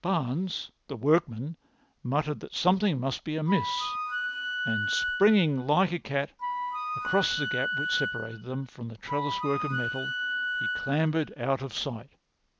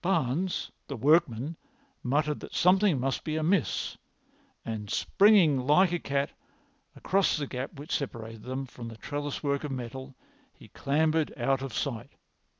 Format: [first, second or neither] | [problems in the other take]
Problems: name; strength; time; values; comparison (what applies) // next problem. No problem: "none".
second | background sound (Wind instrument, woodwind instrument); 3 dB below the speech